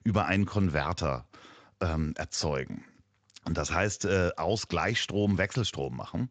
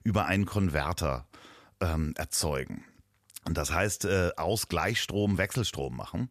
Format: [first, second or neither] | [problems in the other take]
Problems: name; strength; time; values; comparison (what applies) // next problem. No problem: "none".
second | garbled, watery; slightly; nothing above 7.5 kHz